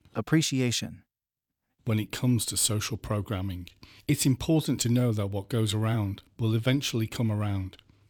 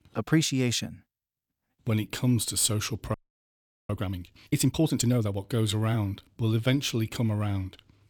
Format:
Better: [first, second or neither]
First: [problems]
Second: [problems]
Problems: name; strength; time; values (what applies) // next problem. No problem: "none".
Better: first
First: none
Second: audio freezing; at 3 s for 1 s